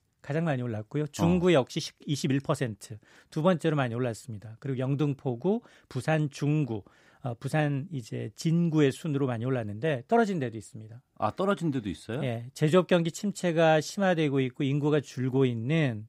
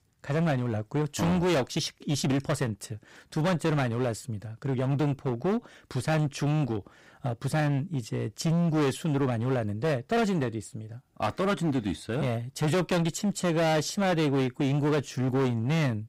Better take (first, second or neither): first